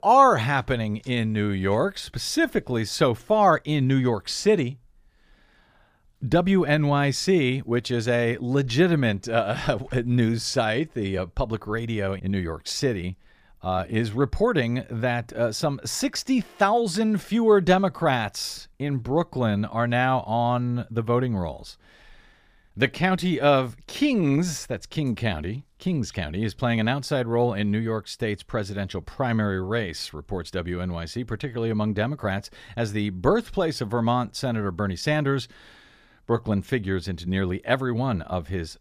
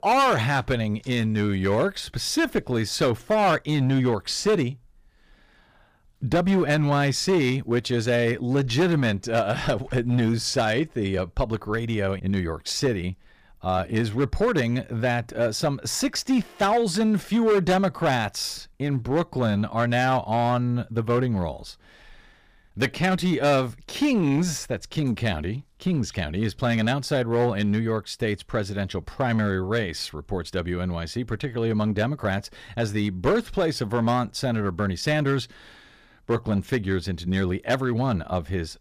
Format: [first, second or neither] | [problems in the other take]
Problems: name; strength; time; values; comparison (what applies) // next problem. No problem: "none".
first | distortion; slight; 6% of the sound clipped